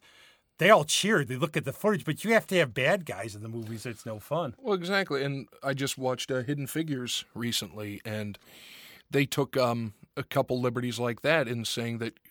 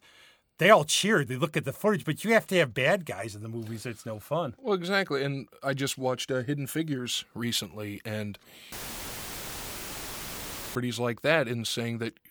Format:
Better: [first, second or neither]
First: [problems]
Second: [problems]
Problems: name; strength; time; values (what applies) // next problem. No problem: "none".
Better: first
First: none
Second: audio cutting out; filled with static; at 8.5 s for 2 s